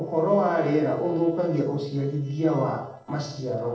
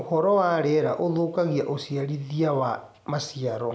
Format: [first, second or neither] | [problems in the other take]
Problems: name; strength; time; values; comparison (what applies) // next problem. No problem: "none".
second | noise reduction (neural separator model SepFormer DNS4)